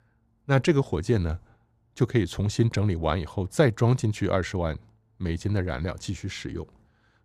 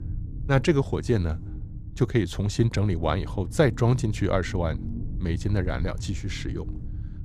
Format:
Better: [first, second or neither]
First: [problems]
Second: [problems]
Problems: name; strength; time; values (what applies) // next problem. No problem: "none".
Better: first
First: none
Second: low rumble; noticeable; throughout; 20 dB below the speech